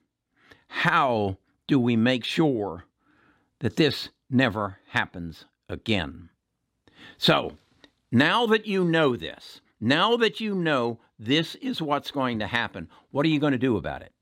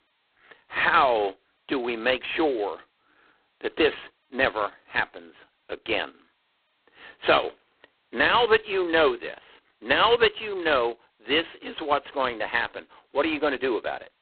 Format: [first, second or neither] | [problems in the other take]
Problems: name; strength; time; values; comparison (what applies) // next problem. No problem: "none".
first | phone-call audio; poor line; nothing above 4 kHz